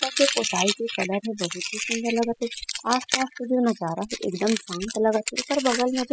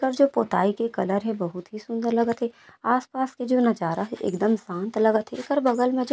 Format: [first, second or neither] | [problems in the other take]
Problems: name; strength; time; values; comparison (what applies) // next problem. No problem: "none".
second | noise reduction (classical method spectral subtraction)